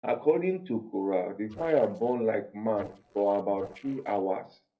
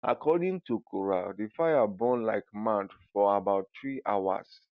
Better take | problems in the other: second | noise reduction (neural separator model SepFormer DNS4)

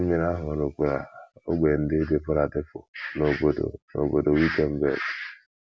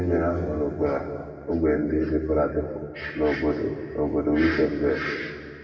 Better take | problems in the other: first | room echo; dies away in 2 s

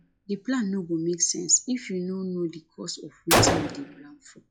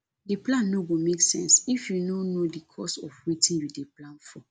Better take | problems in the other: second | noise reduction (classical method log-MMSE)

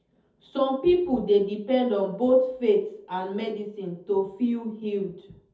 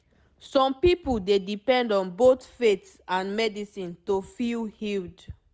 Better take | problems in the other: second | room echo; dies away in 0.5 s

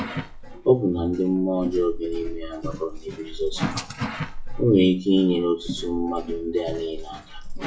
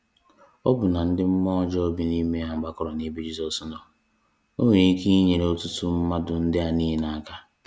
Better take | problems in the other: second | noise reduction (classical method WPE with log-MMSE)

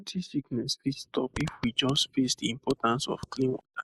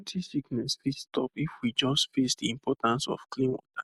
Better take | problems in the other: second | noise reduction (neural mask model Resemble Enhance denoiser)

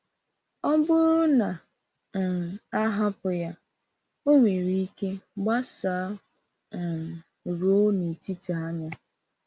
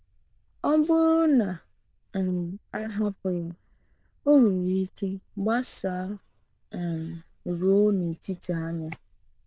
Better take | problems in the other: first | noise reduction (neural diffusion model UNIVERSE++)

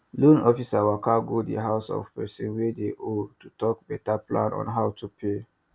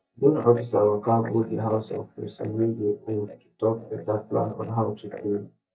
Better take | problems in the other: first | noise reduction (neural mask model DeepFilterNet 3)

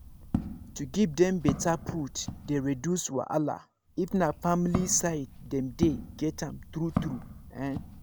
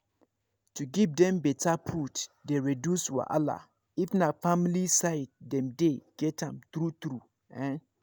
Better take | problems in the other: second | background sound (Walk, footsteps); 7 dB below the speech

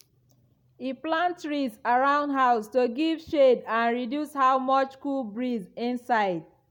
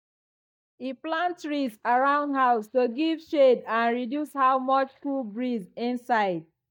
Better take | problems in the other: first | noise reduction (neural mask model DeepFilterNet 3)

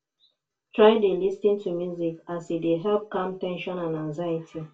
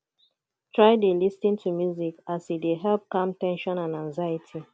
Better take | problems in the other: second | room echo; dies away in 0.2 s

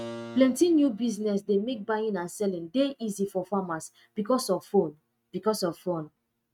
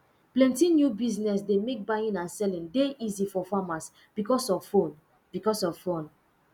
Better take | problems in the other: second | noise reduction (neural mask model RNNoise)

